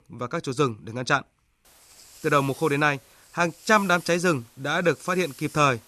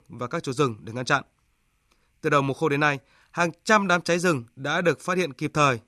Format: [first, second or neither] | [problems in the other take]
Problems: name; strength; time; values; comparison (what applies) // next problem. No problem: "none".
second | hiss; faint; from 1.5 s on; 20 dB below the speech